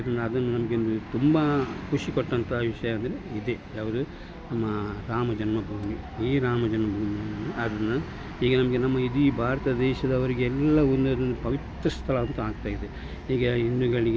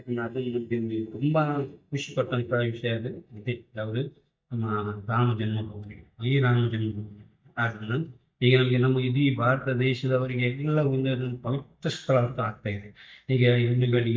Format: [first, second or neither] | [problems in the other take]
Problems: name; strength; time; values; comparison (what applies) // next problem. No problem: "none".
first | noise reduction (neural mask model DeepFilterNet 3)